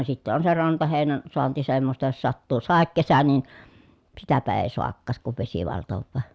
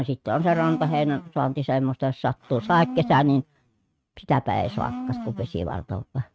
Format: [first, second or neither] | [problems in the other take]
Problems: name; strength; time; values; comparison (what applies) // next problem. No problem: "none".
first | noise reduction (neural mask model RNNoise)